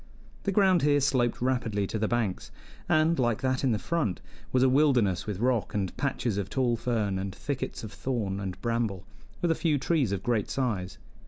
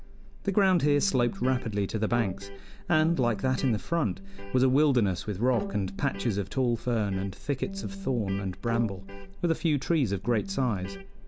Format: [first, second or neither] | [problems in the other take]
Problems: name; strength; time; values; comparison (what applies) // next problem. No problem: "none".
first | background sound (Electric guitar + Bowed string instrument); 13 dB below the speech